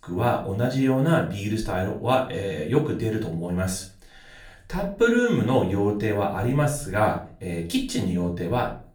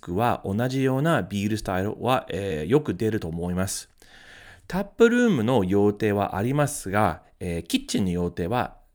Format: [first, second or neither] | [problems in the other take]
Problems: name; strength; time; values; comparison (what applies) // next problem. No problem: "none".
second | off-mic speech; far // room echo; slight; dies away in 0.3 s